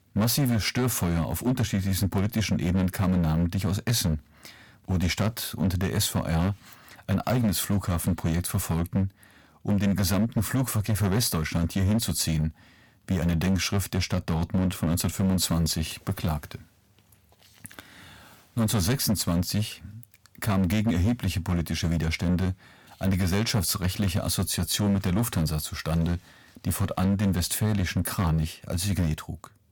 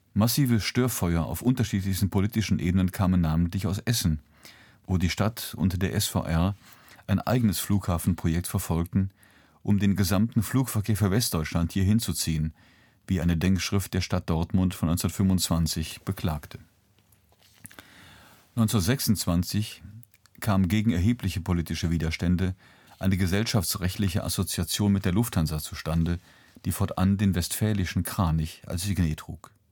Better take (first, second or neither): second